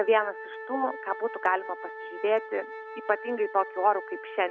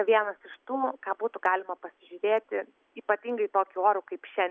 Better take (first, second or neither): second